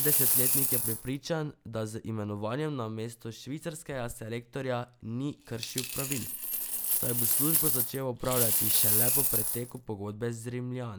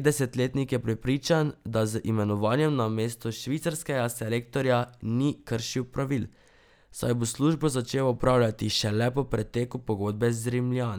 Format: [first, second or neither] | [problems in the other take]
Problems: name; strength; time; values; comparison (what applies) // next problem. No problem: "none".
second | background sound (Coin (dropping)); 3 dB above the speech